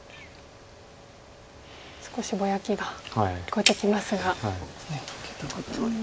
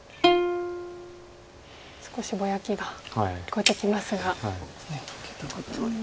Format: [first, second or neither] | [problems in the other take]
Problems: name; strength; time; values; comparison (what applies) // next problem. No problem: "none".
first | background sound (Plucked string instrument); 1 dB above the speech